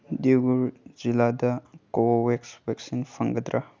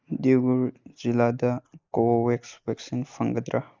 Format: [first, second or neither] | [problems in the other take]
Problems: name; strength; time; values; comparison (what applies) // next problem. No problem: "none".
first | noise reduction (neural mask model Resemble Enhance denoiser)